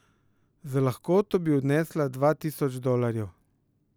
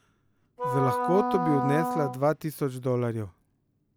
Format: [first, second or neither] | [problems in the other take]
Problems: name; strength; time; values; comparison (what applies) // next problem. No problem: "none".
first | background sound (Wind instrument, woodwind instrument); 2 dB below the speech